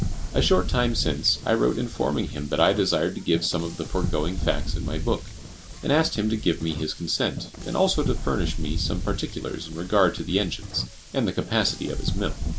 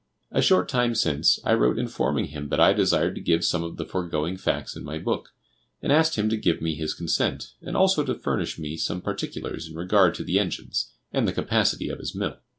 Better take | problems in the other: second | background sound (Wind); 4 dB below the speech

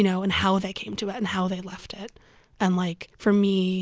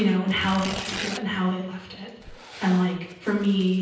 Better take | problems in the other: first | background sound (Tearing); 14 dB below the speech // room echo; dies away in 0.9 s

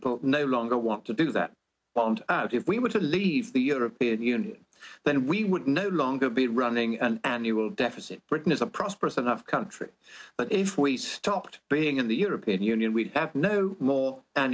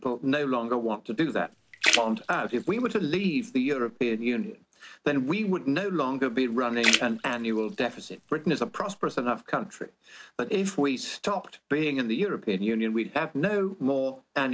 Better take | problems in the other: first | background sound (Splash, splatter); 6 dB below the speech

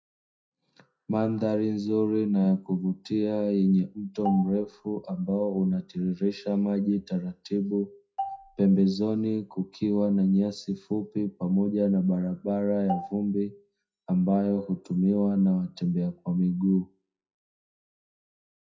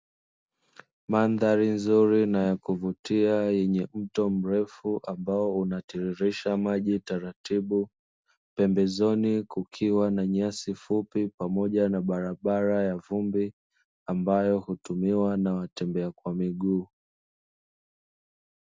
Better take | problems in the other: second | noise reduction (classical method WPE with log-MMSE)

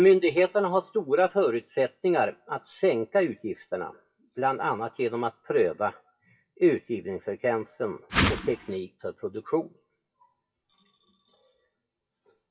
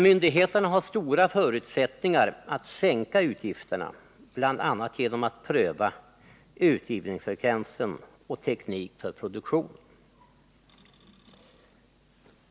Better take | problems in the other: second | noise reduction (classical method WPE with log-MMSE)

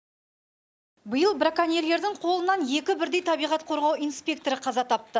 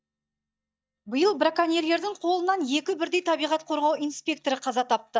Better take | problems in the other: first | noise reduction (neural mask model DeepFilterNet 3)

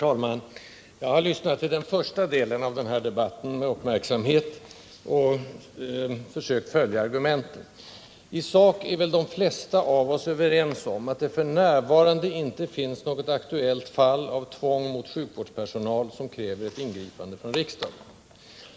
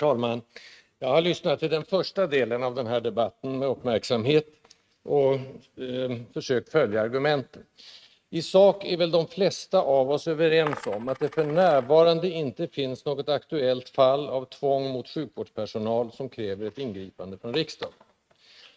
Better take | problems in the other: first | noise reduction (neural mask model RNNoise)

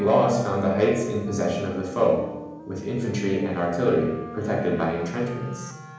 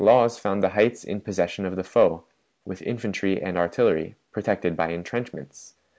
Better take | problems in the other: second | background sound (Wind instrument, woodwind instrument); 16 dB below the speech // room echo; dies away in 1 s

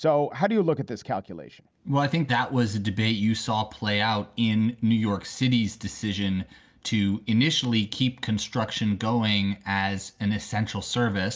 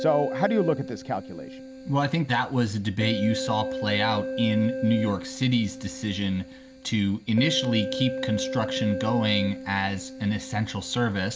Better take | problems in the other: first | background sound (Keyboard (musical)); 8 dB below the speech

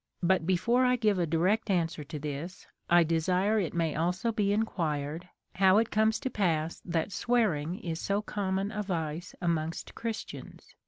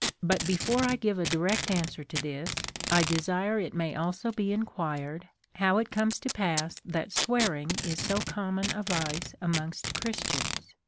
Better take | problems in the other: first | background sound (Packing tape, duct tape); 6 dB below the speech

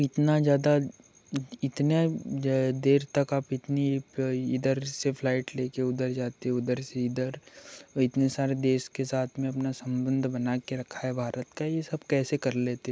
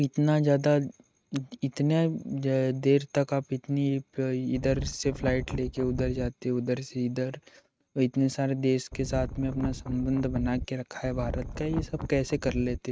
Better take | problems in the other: first | noise reduction (neural mask model RNNoise)

